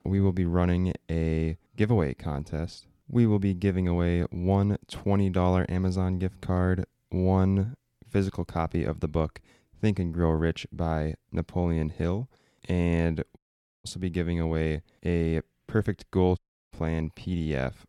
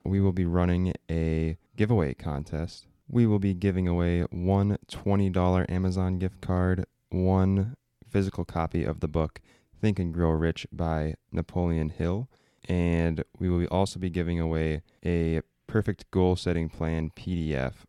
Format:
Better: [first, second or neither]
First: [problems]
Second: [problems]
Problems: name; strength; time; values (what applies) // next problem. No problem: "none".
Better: second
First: audio cutting out; at 13 s and at 16 s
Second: none